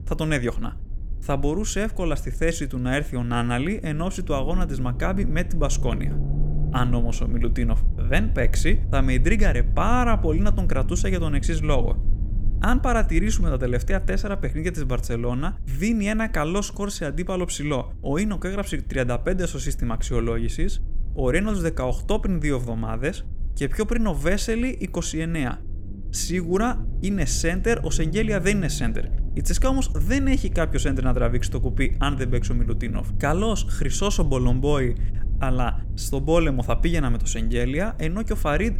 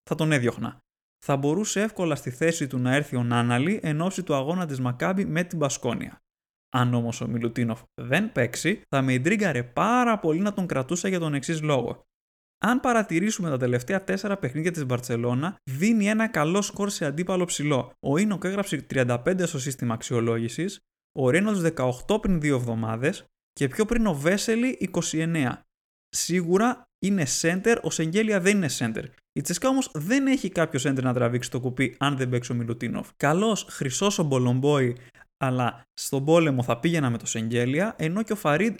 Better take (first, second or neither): second